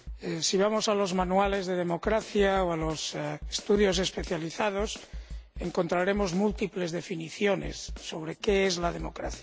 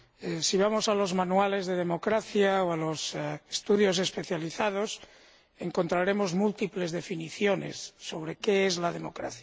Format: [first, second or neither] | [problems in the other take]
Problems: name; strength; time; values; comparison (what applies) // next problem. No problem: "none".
second | background sound (Snare drum); 14 dB below the speech